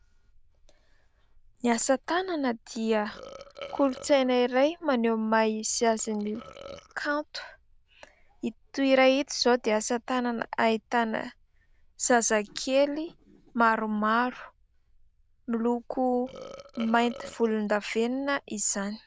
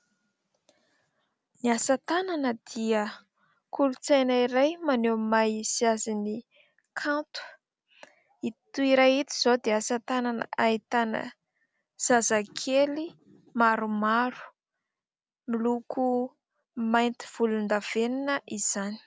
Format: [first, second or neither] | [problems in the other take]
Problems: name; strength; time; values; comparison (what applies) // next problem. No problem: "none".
second | noise reduction (neural diffusion model UNIVERSE++)